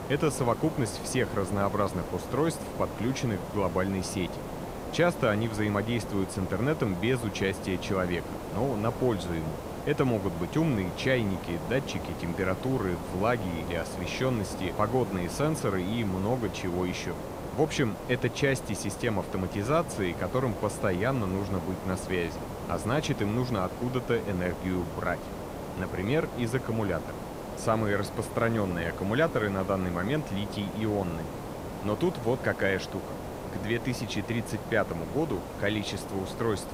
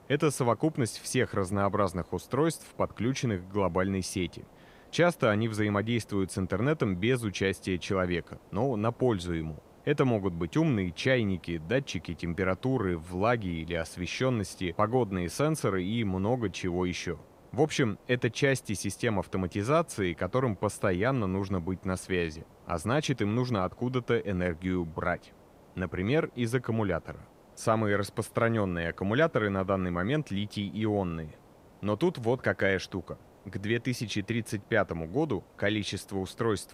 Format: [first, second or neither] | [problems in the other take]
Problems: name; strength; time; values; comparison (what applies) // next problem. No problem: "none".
second | hiss; loud; throughout; 8 dB below the speech; faint in the second